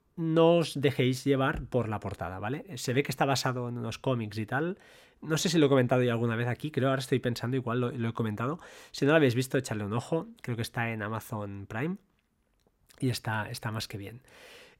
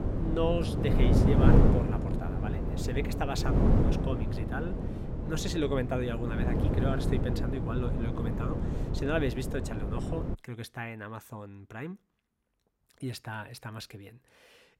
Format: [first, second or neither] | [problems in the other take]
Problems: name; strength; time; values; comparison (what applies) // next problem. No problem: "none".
first | wind noise on the microphone; heavy; until 10 s; as loud as the speech